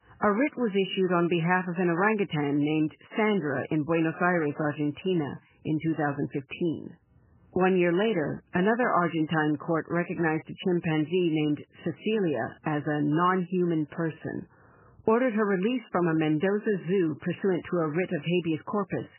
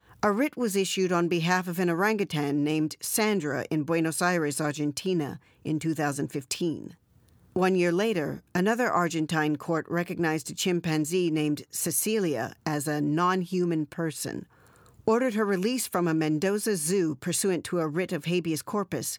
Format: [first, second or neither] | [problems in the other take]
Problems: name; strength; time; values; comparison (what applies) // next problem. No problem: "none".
second | garbled, watery; badly; nothing above 3 kHz